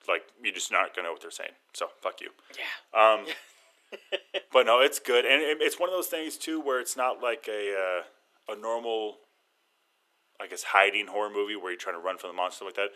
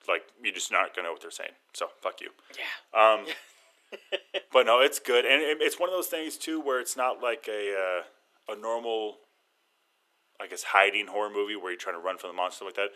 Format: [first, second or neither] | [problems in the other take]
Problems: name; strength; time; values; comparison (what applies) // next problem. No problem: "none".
neither | thin; very; fading below 400 Hz; the same in both